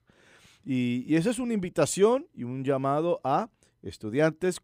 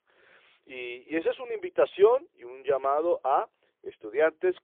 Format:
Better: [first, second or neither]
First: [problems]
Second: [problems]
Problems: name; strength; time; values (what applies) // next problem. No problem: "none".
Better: first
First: none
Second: phone-call audio; poor line; nothing above 3.5 kHz